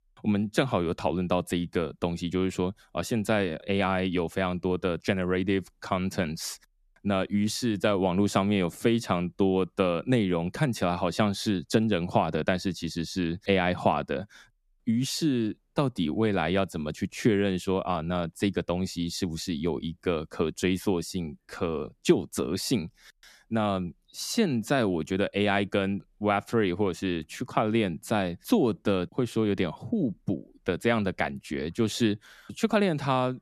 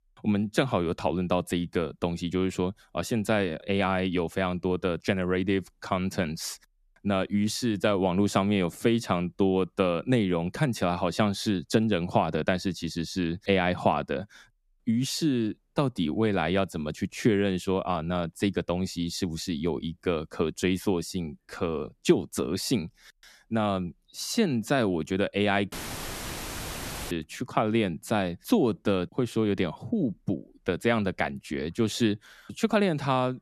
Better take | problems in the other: first | audio cutting out; filled with static; at 26 s for 1.5 s

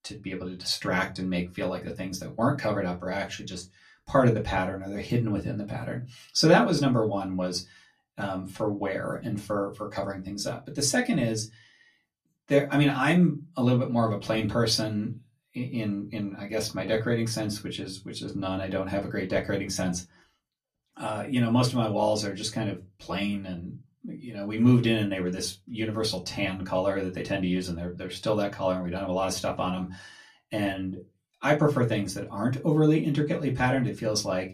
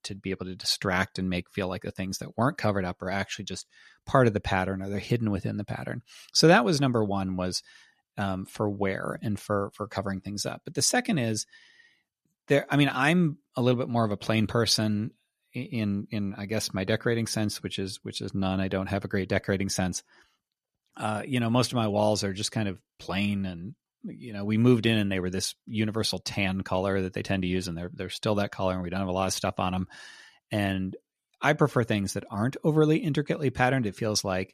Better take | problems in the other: second | off-mic speech; far // room echo; very slight; dies away in 0.2 s

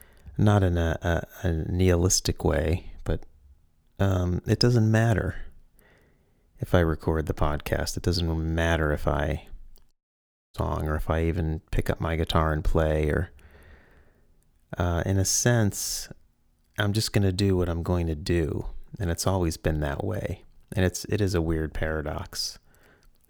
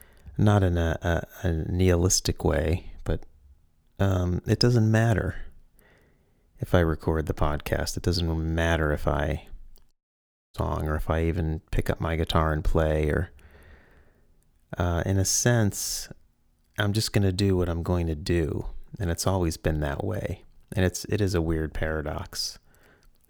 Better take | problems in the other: neither | audio cutting out; at 10 s for 0.5 s; the same in both

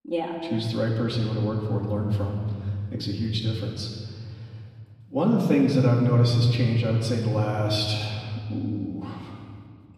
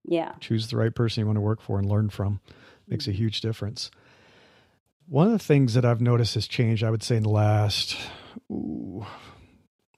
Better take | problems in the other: second | off-mic speech; far // room echo; noticeable; dies away in 2.1 s

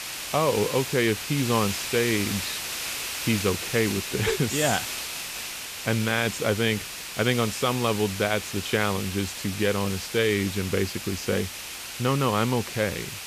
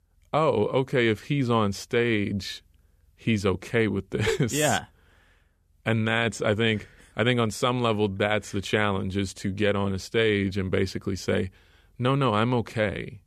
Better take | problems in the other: second | hiss; loud; throughout; 6 dB below the speech

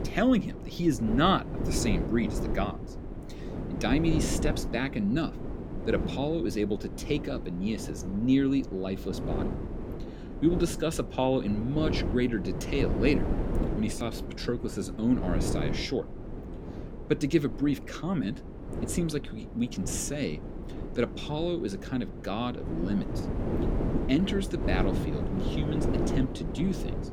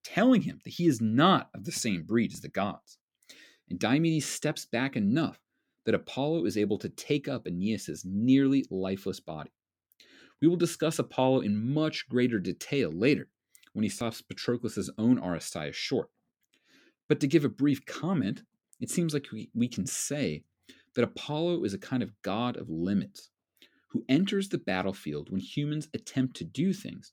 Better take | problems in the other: second | wind noise on the microphone; heavy; 7 dB below the speech

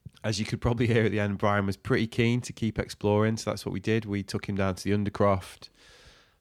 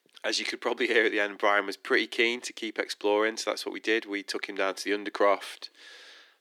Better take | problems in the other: first | thin; very; fading below 300 Hz

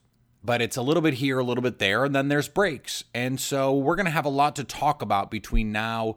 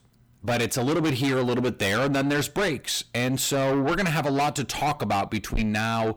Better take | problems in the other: first | distortion; heavy; 6 dB below the speech

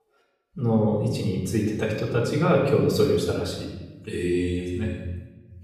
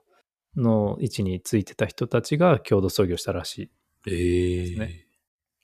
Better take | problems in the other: second | off-mic speech; far // room echo; noticeable; dies away in 1.1 s

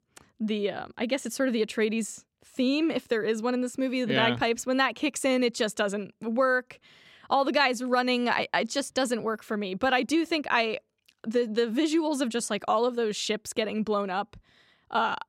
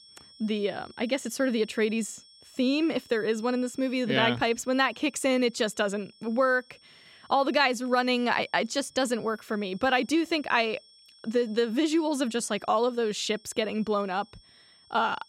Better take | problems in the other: first | high-pitched whine; faint; throughout; 5.5 kHz, 25 dB below the speech

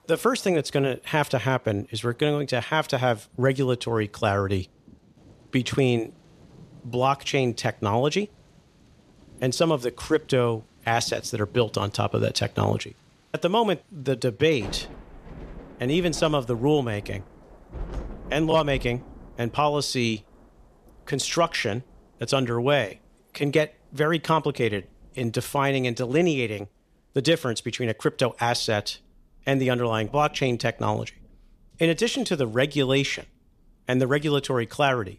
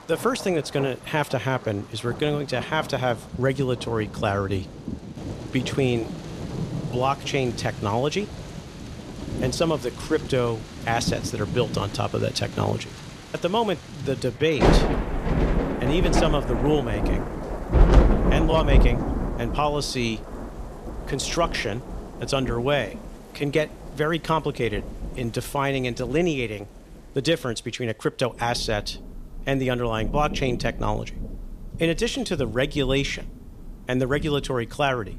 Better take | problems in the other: first | rain or running water; loud; throughout; 4 dB below the speech; faint in the first

